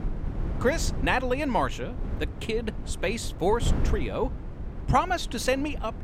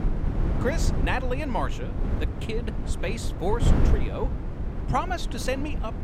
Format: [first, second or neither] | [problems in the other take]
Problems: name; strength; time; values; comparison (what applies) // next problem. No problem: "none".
first | wind noise on the microphone; heavy; 7 dB below the speech; occasional gusts in the first